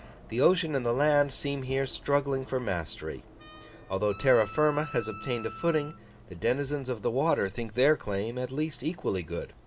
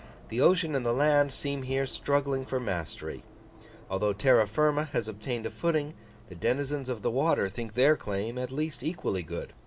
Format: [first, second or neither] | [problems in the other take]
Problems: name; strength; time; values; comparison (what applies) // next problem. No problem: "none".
second | background sound (Wind instrument, woodwind instrument); 16 dB below the speech